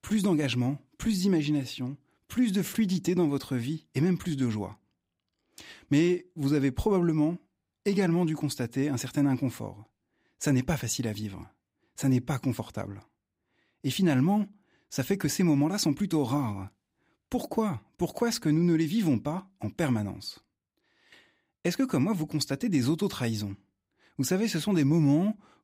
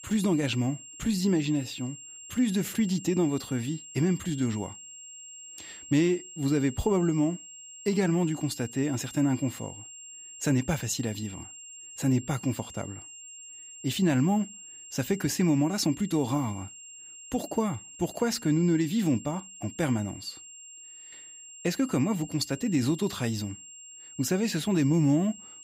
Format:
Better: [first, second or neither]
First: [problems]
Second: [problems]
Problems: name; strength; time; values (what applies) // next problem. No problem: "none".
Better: first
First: none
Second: high-pitched whine; noticeable; throughout; 7.5 kHz, 15 dB below the speech